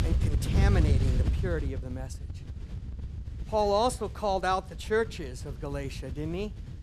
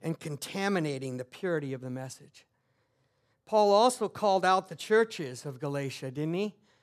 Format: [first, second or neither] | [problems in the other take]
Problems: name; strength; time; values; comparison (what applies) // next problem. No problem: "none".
second | wind noise on the microphone; occasional gusts; 15 dB below the speech